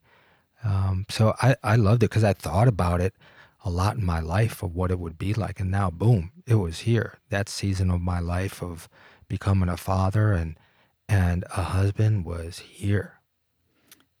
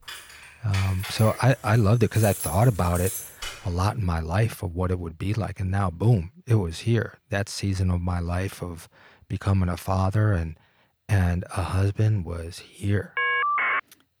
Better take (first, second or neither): first